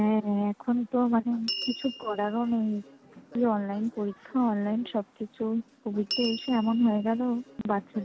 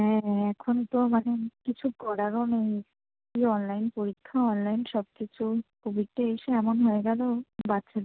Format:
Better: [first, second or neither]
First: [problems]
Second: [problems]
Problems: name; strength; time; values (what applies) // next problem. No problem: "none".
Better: second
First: background sound (Door / Bell); 14 dB below the speech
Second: none